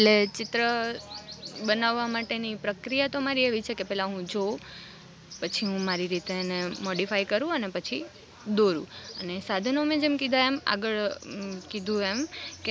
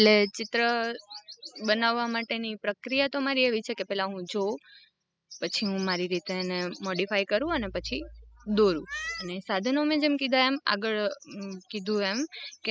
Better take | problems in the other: first | noise reduction (classical method spectral subtraction)

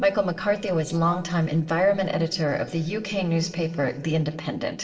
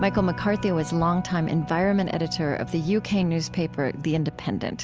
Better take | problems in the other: second | noise reduction (neural separator model SepFormer DNS4)

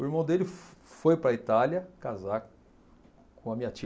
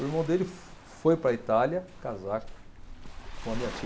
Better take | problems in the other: first | background sound (Waves, surf); 11 dB below the speech

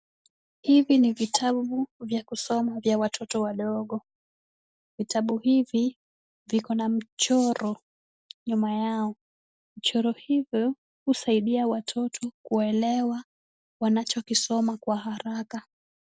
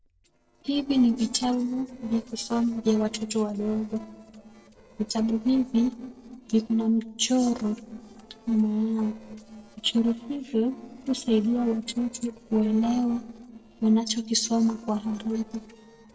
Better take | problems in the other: first | noise reduction (neural separator model SepFormer DNS4)

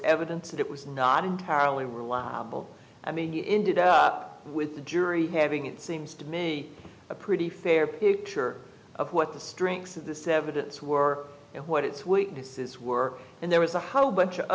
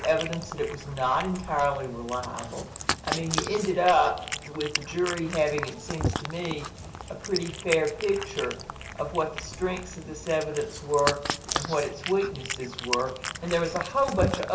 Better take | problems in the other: first | background sound (Cat); 6 dB below the speech // room echo; dies away in 0.3 s

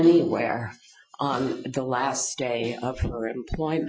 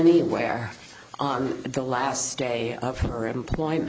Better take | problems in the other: second | noise reduction (classical method Wiener filter)

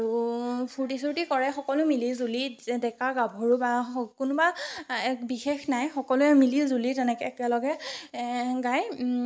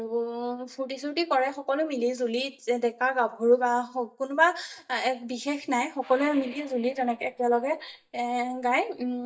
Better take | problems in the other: first | noise reduction (neural mask model DeepFilterNet 3)

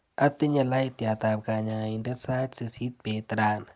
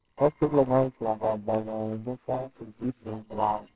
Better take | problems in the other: first | noise reduction (neural separator model SepFormer WHAMR!)

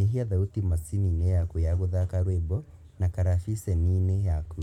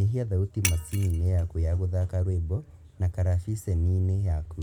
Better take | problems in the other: first | background sound (Shatter); 10 dB below the speech

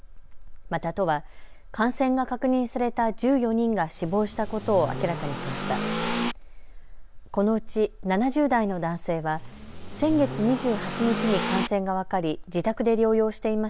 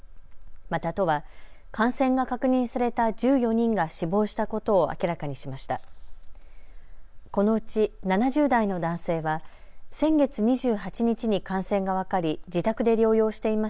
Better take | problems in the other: second | background sound (Accelerating, revving, vroom / Car); 6 dB below the speech

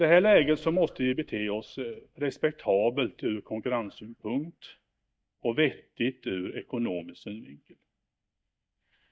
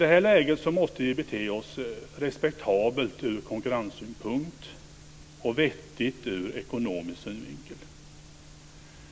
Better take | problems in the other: second | noise reduction (neural mask model DeepFilterNet 3)

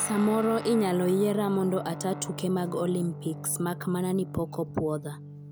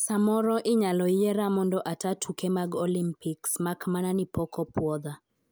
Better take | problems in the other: second | background sound (Guitar); 11 dB below the speech

